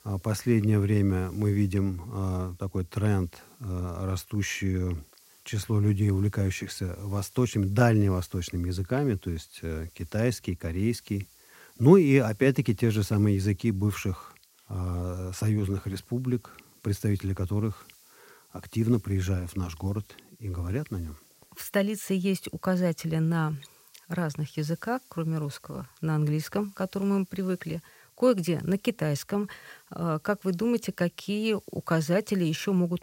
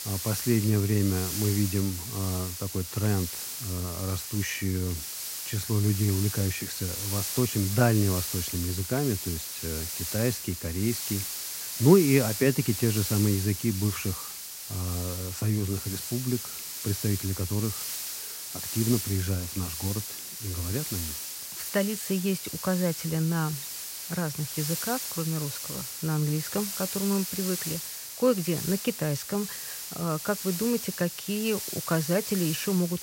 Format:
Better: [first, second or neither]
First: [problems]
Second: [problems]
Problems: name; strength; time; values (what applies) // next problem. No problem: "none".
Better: first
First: hiss; faint; throughout; 30 dB below the speech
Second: hiss; loud; throughout; 4 dB below the speech